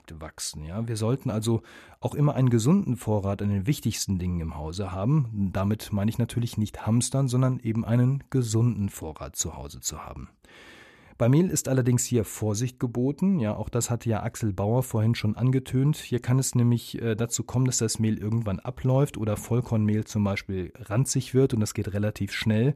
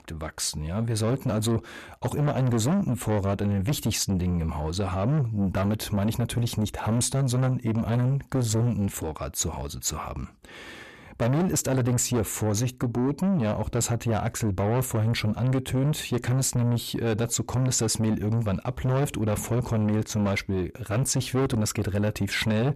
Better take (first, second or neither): first